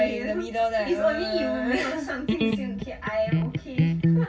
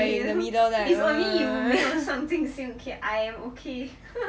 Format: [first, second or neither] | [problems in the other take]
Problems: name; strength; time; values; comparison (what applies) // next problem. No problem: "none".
second | background sound (Electric guitar); 2 dB above the speech // room echo; dies away in 0.4 s